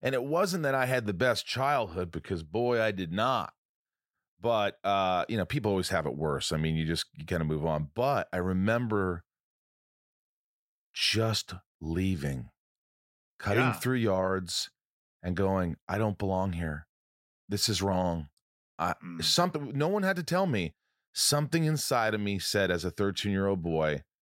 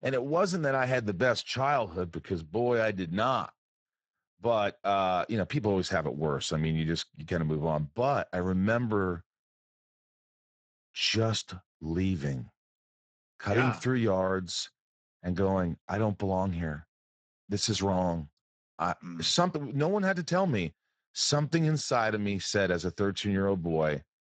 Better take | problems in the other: first | garbled, watery; badly; nothing above 7.5 kHz

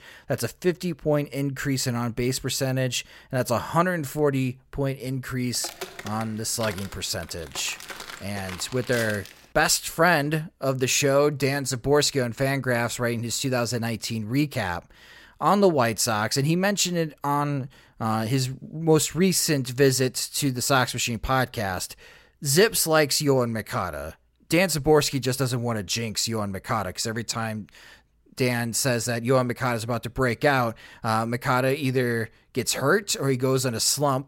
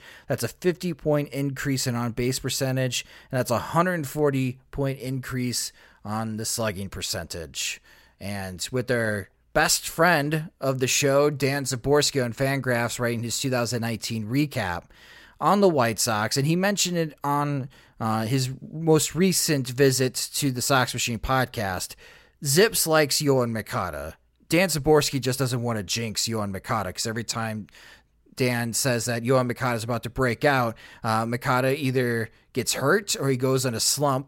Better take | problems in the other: second | footsteps; faint; from 5.5 to 9.5 s; peak 10 dB below the speech

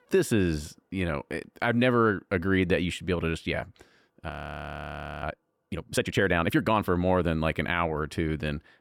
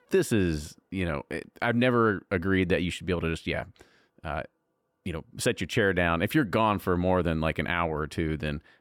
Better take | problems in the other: second | audio freezing; at 4.5 s for 1 s

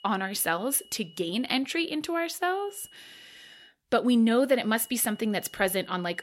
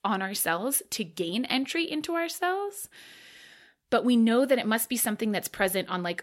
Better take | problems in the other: second | high-pitched whine; faint; until 1.5 s, from 2.5 to 3.5 s and from 4.5 s on; 3 kHz, 25 dB below the speech

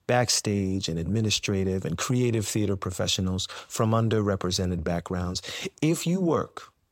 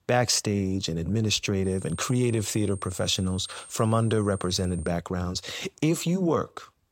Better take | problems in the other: first | high-pitched whine; noticeable; from 1.5 to 5 s; 8.5 kHz, 15 dB below the speech

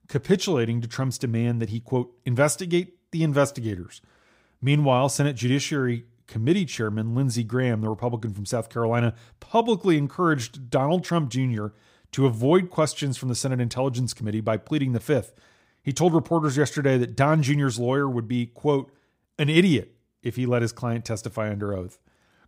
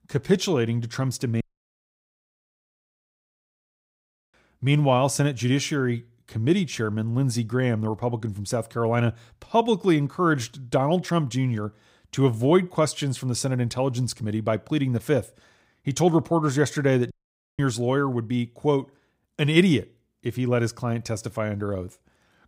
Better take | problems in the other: first | audio cutting out; at 1.5 s for 3 s and at 17 s

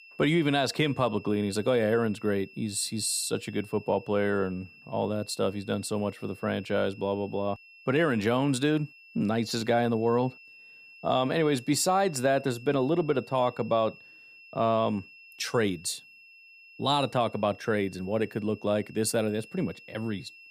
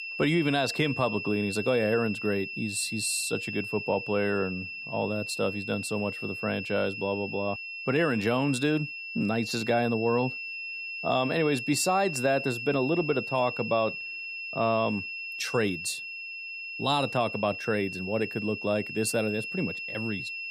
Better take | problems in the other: first | high-pitched whine; loud; throughout; 2.5 kHz, 6 dB below the speech; faint in the first

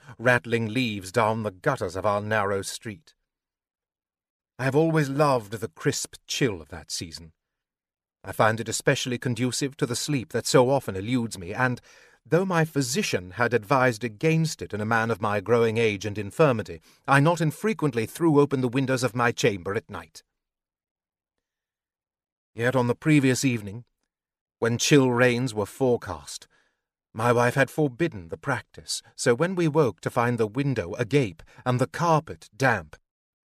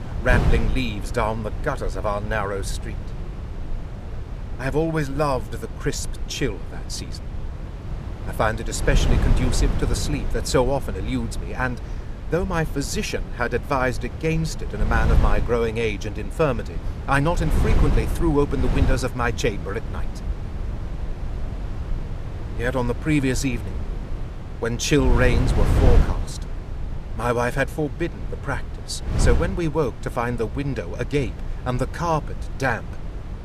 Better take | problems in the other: first | wind noise on the microphone; occasional gusts; 10 dB below the speech

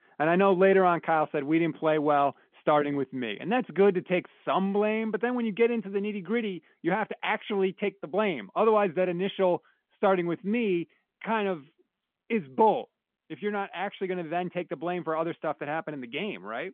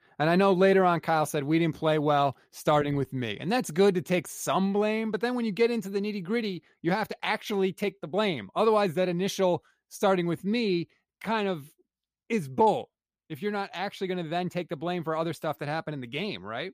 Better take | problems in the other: second | phone-call audio; nothing above 3.5 kHz

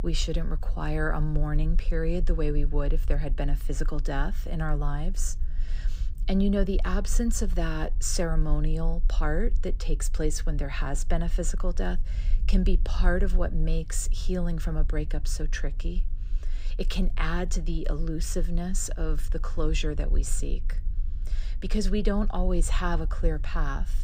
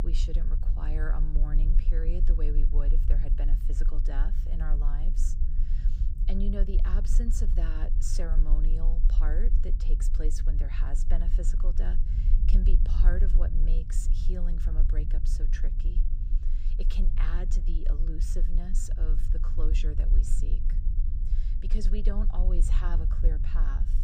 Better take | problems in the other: first | low rumble; loud; throughout; 7 dB below the speech; faint in the first

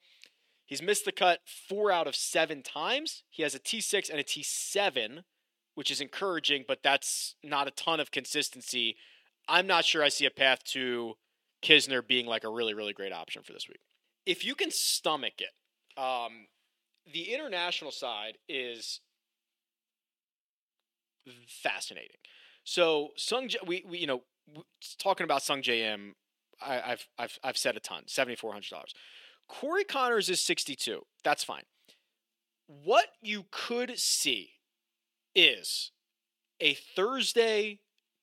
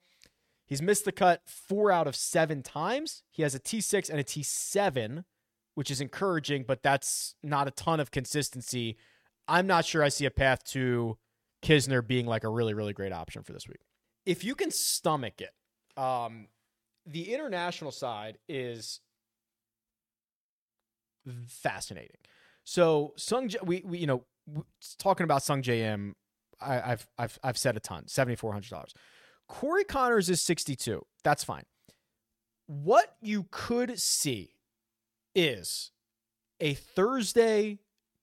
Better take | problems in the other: second | thin; somewhat; fading below 250 Hz

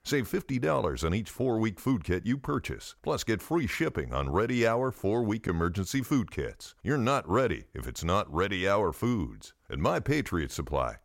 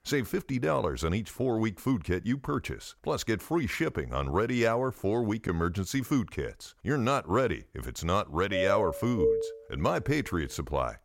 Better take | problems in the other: first | doorbell; loud; from 8.5 to 9.5 s; peak 2 dB above the speech

